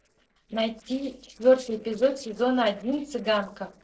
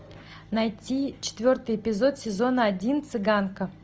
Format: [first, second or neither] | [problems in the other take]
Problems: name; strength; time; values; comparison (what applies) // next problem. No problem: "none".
second | noise reduction (neural separator model SepFormer DNS4)